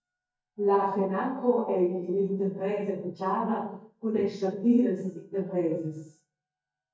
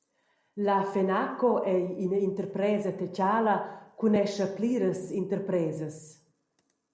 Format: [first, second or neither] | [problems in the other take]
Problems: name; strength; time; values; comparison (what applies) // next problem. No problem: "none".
second | noise reduction (neural mask model DeepFilterNet 3)